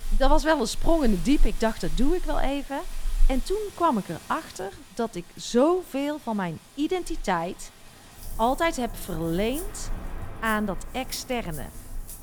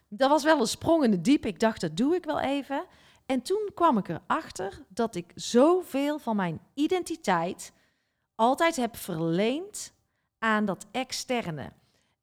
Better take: second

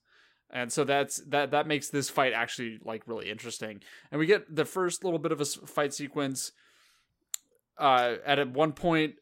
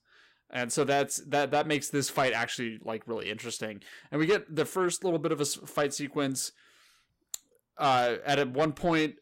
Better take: first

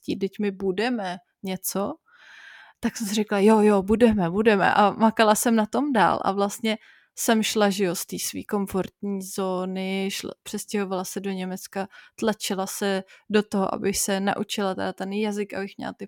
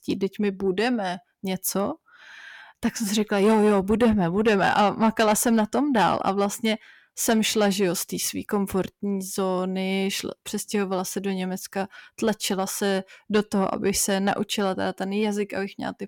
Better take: first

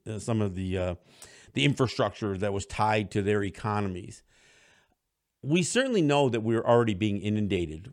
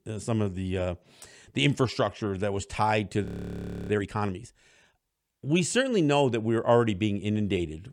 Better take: first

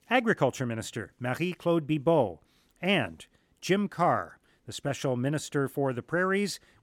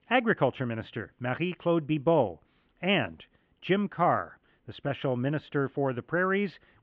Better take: first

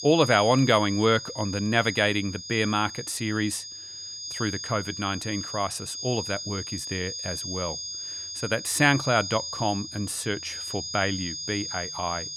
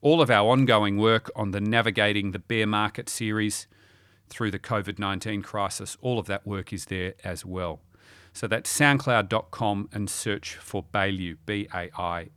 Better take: second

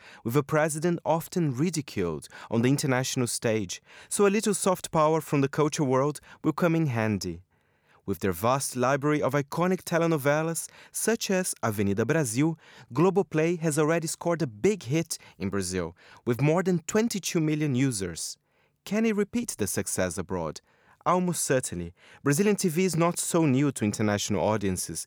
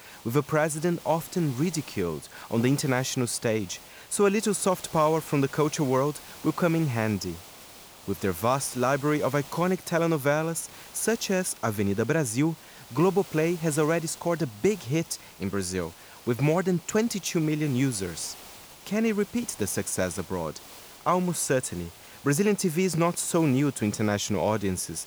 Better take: first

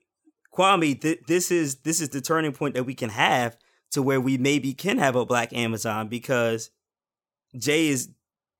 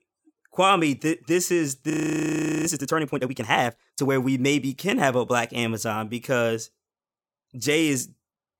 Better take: first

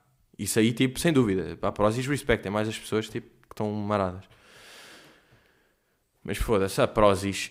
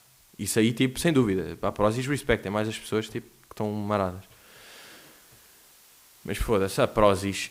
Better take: first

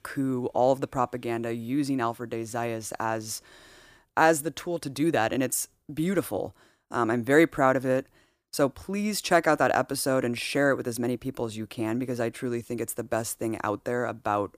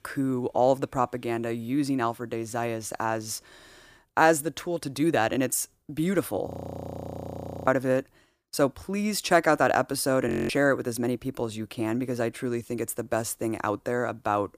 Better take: first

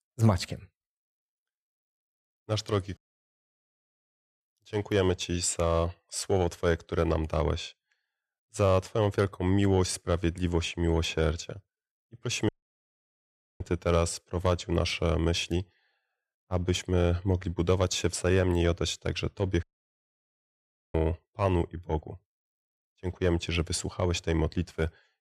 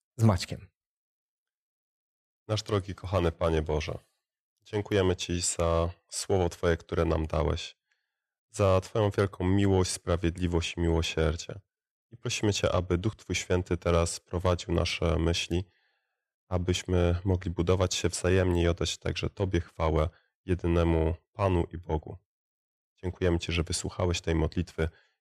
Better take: second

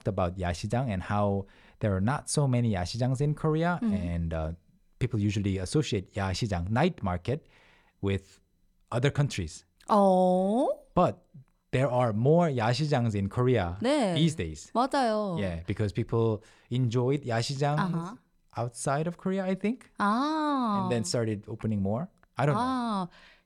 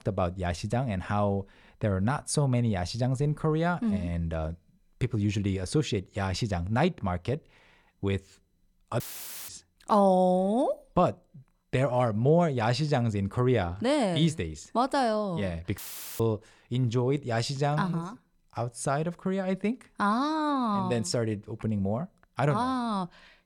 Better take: first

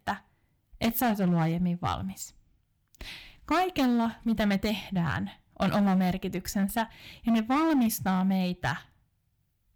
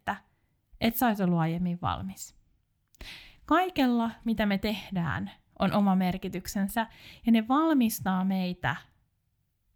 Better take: second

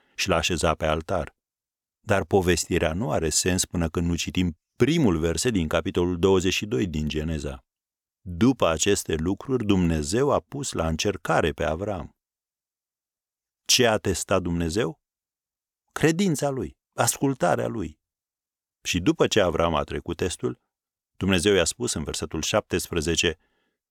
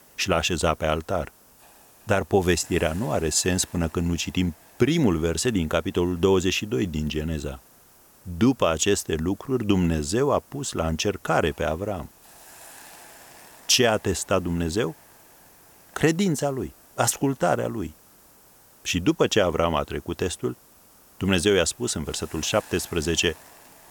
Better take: first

